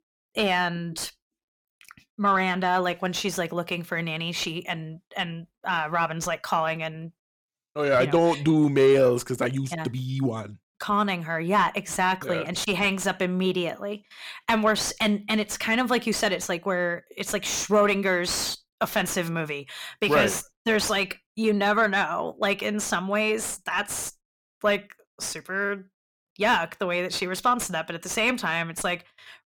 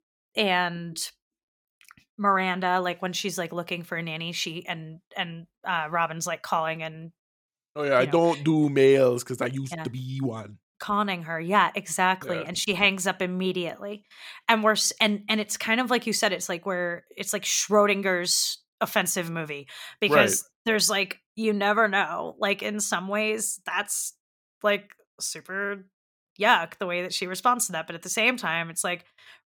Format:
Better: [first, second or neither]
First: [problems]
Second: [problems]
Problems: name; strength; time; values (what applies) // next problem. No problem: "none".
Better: second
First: distortion; slight; 10 dB below the speech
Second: none